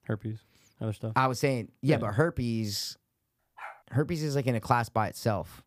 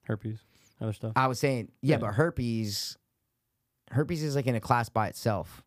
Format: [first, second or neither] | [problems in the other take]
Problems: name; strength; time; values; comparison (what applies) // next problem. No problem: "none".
second | dog barking; faint; at 3.5 s; peak 15 dB below the speech